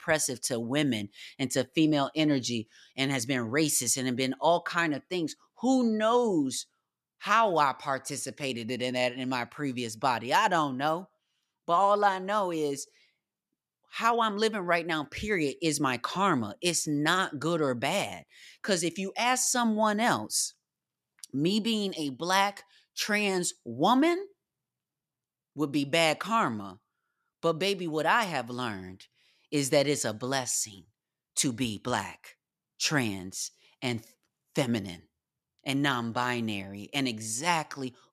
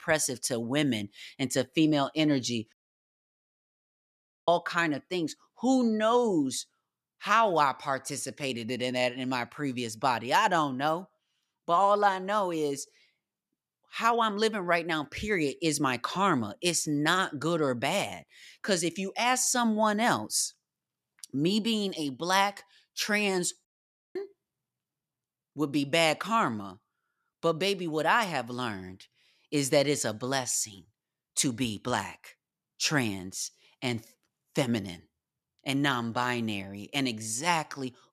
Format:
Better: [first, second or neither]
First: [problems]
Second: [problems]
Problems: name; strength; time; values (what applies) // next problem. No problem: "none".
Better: first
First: none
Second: audio cutting out; at 2.5 s for 2 s and at 24 s for 0.5 s